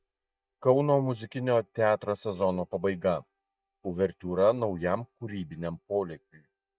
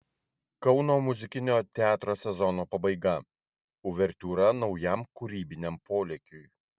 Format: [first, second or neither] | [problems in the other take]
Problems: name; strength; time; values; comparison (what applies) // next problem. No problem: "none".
second | noise reduction (neural mask model DeepFilterNet 3)